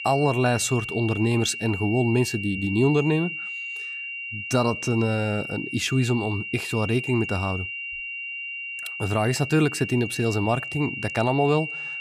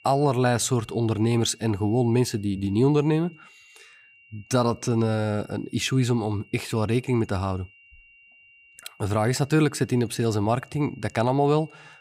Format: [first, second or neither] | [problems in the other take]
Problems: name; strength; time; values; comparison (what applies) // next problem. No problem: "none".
second | high-pitched whine; loud; throughout; 3 kHz, 7 dB below the speech; faint in the second